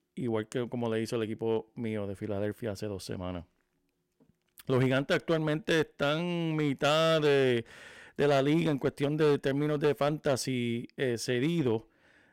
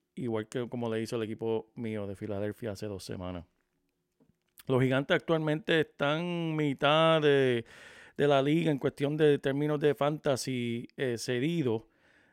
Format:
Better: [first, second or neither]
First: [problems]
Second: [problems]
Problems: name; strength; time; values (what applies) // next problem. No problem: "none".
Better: second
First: distortion; slight; 5% of the sound clipped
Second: none